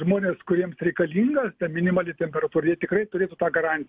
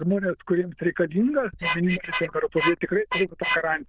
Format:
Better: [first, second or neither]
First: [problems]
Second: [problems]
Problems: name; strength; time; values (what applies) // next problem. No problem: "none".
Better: first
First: none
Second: noise reduction (neural diffusion model UNIVERSE++)